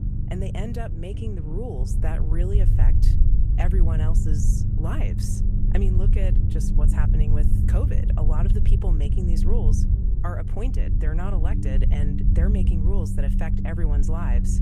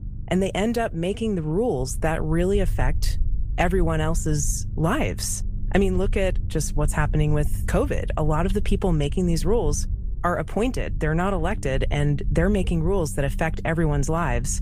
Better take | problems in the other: second | low rumble; loud; throughout; 2 dB below the speech; faint in the second

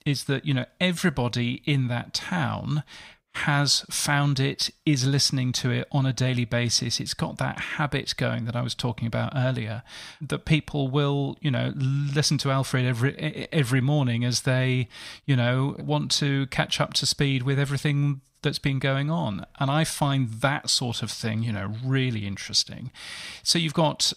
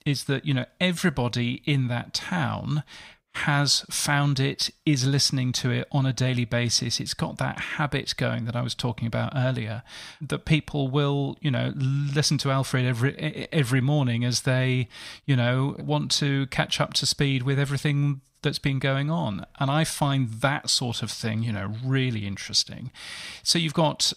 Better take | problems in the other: neither | none

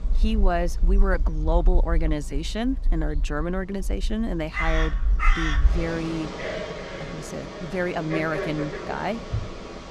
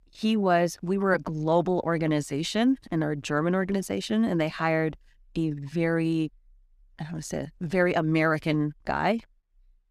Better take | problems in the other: second | animal sounds; very loud; throughout; 1 dB above the speech

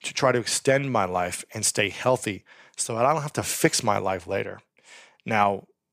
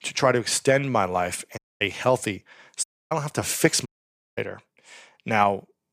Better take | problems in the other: first | audio cutting out; at 1.5 s, at 3 s and at 4 s for 0.5 s

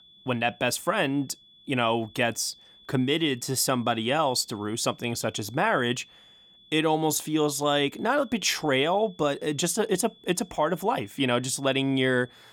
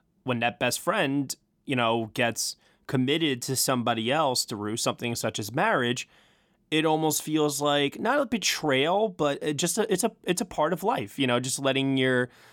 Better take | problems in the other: second | high-pitched whine; faint; throughout; 3.5 kHz, 25 dB below the speech

